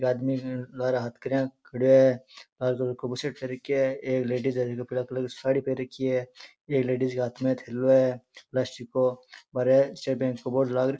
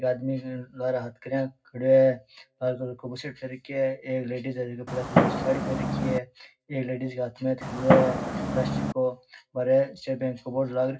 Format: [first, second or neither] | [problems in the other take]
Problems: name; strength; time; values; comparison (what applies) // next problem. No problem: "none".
first | background sound (Fireworks); 2 dB above the speech // room echo; dies away in 0.4 s